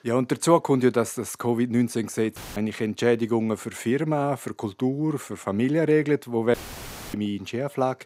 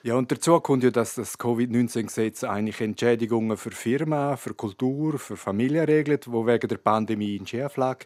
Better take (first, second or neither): second